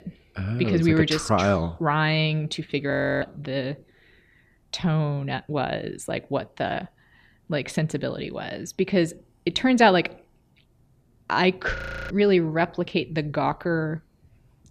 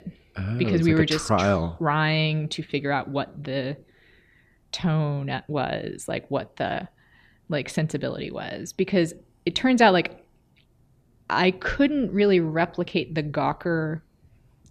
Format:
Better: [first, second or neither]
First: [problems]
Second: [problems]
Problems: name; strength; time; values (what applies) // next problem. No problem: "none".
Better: second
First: audio freezing; at 3 s and at 12 s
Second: none